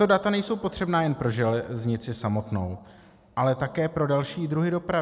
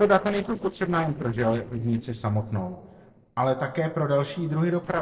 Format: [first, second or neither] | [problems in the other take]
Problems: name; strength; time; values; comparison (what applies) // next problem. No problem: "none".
first | noise reduction (neural separator model SepFormer DNS4)